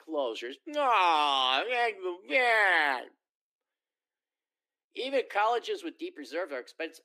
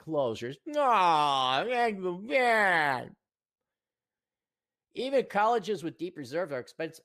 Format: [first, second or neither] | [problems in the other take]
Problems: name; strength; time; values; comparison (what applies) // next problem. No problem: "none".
second | thin; very slightly; fading below 250 Hz